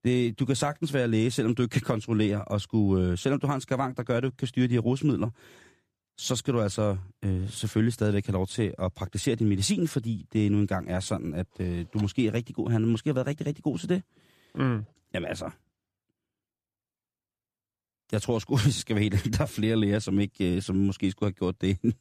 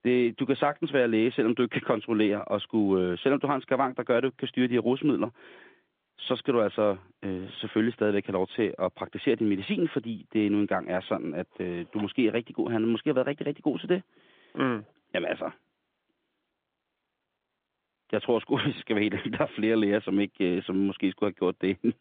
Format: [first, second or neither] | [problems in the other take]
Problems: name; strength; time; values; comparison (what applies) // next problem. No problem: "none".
first | phone-call audio; nothing above 3.5 kHz